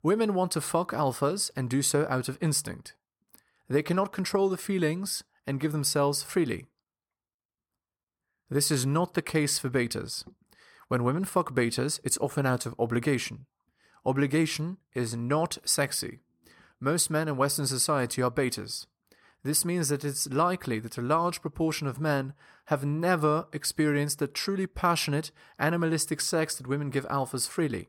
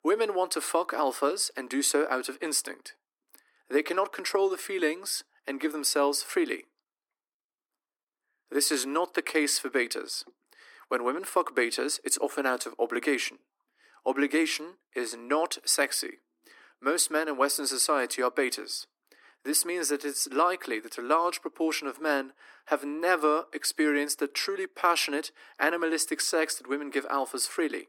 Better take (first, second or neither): first